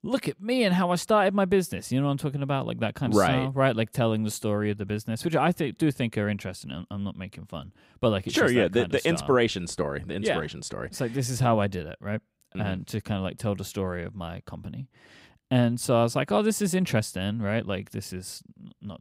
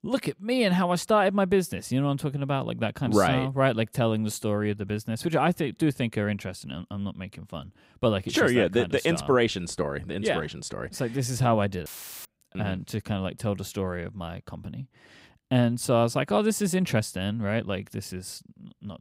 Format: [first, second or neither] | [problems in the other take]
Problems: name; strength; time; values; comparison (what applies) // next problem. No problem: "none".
first | audio cutting out; filled with static; at 12 s